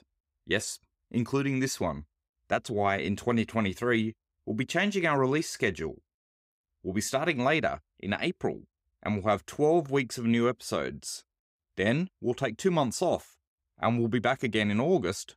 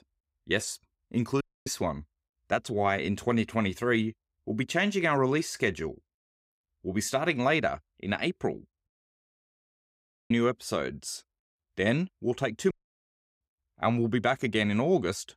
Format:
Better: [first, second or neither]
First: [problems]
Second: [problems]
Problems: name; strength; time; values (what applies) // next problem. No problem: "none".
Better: first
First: none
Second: audio cutting out; at 1.5 s, at 9 s for 1.5 s and at 13 s for 0.5 s